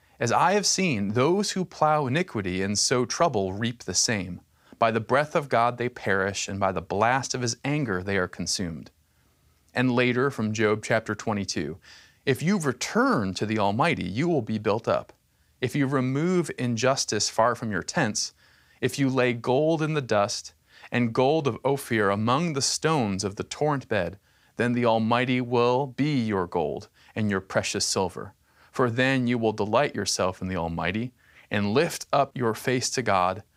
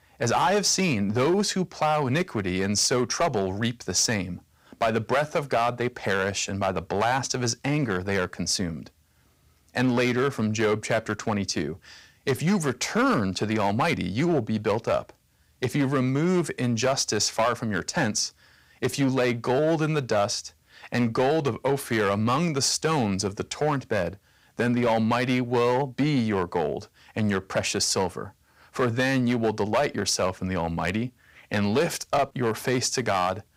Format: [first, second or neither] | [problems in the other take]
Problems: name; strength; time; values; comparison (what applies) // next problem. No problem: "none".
first | distortion; slight; 6% of the sound clipped